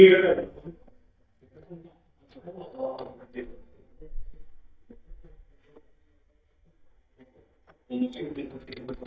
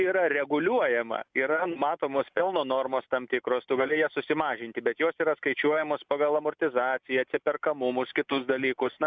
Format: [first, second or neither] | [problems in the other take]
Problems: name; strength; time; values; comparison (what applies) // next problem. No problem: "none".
second | noise reduction (neural mask model DeepFilterNet 3)